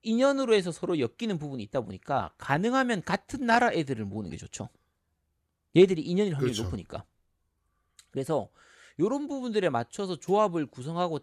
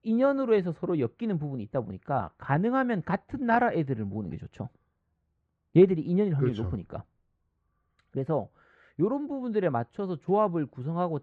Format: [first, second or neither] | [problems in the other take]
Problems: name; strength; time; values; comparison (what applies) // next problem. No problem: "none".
first | muffled; very; fading above 1.5 kHz